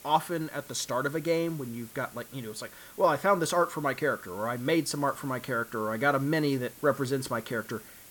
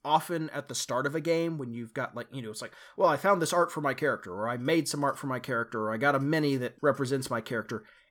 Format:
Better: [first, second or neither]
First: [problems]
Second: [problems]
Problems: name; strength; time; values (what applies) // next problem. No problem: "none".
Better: second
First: hiss; noticeable; throughout; 20 dB below the speech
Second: none